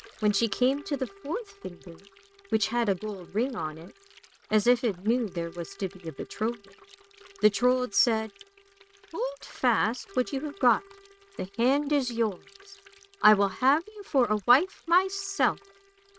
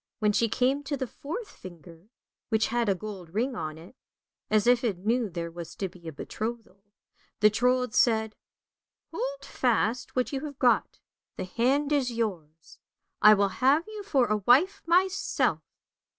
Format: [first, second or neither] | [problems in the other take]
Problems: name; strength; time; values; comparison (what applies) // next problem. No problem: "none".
second | noise reduction (neural mask model RNNoise)